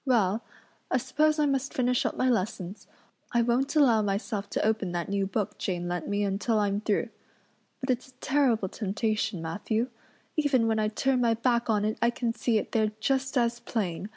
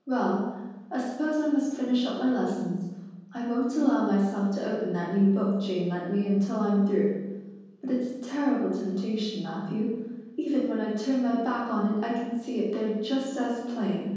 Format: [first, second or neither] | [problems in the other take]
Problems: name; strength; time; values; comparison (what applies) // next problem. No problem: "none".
first | room echo; dies away in 1.3 s